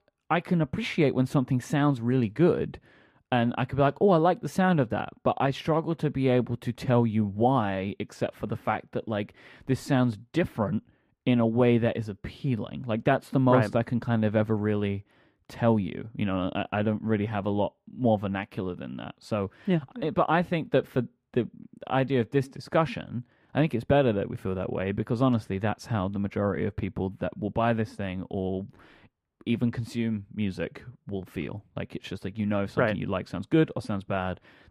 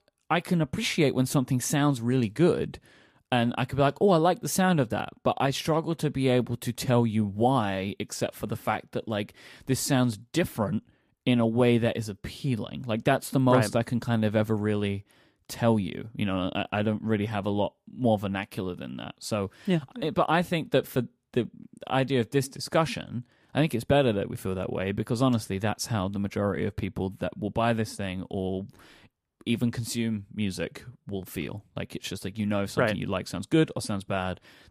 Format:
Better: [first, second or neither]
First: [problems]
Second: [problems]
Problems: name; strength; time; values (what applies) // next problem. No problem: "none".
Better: second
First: muffled; slightly; fading above 4 kHz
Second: none